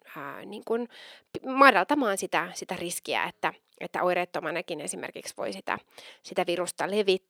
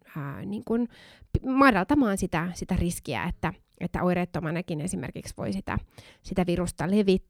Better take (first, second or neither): second